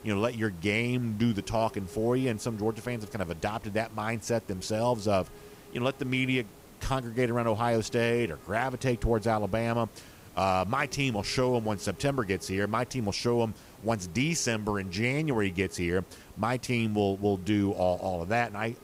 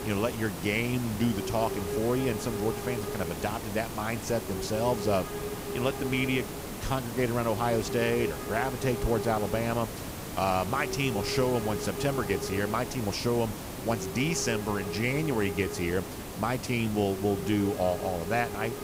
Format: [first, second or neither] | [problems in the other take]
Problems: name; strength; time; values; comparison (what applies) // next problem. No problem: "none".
first | hiss; loud; throughout; 6 dB below the speech; faint in the first